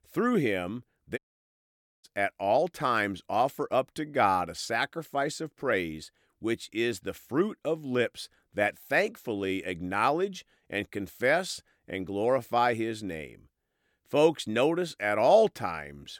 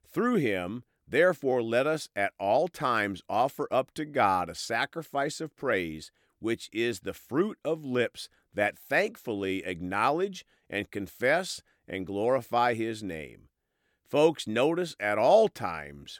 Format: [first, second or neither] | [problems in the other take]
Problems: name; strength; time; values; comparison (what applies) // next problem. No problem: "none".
second | audio cutting out; at 1 s for 1 s